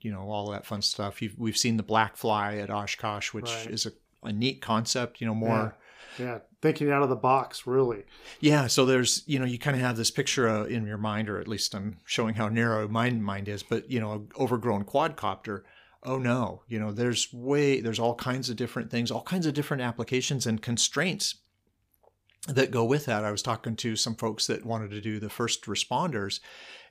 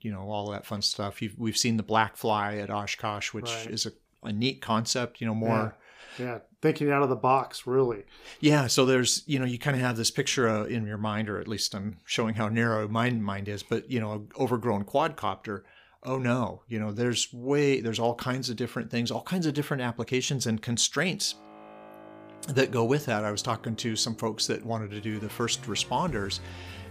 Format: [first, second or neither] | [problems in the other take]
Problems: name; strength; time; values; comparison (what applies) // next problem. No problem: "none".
first | background music; noticeable; from 21 s on; 20 dB below the speech